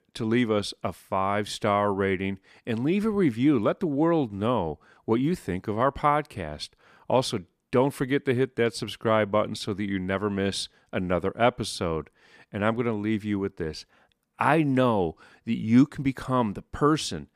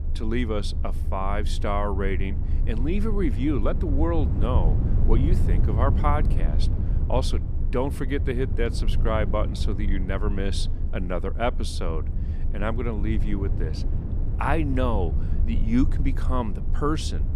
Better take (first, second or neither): first